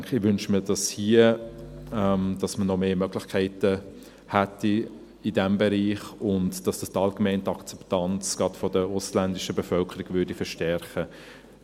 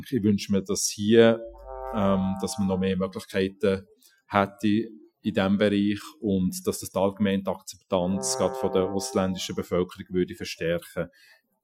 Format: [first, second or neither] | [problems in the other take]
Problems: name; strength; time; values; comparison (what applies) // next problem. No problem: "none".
first | noise reduction (classical method Wiener filter)